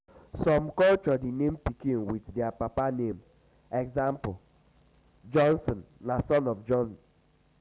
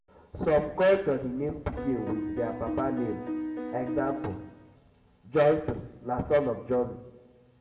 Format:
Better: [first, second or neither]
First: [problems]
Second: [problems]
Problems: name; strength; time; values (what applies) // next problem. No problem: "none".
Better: first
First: none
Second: background sound (Piano); 5 dB below the speech // room echo; dies away in 0.8 s